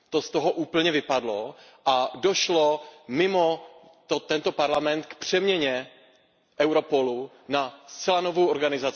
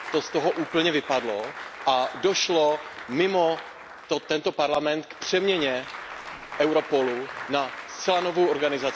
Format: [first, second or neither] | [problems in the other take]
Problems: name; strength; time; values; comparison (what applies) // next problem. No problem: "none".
first | background sound (Applause); 13 dB below the speech